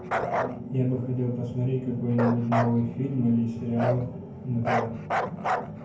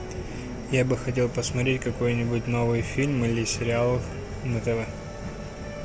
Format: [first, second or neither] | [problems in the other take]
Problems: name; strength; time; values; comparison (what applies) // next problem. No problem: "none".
second | background sound (Bark); 5 dB below the speech // room echo; dies away in 0.9 s